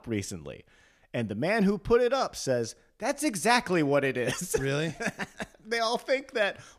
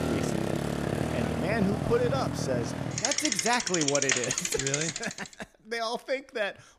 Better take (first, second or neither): first